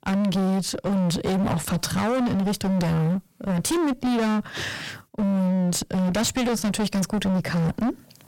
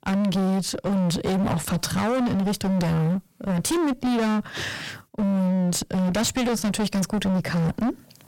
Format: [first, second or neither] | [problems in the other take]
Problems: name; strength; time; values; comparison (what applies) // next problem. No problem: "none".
neither | distortion; heavy; 37% of the sound clipped; the same in both